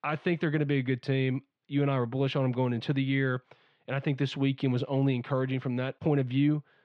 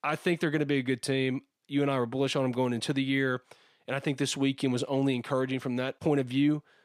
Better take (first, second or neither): second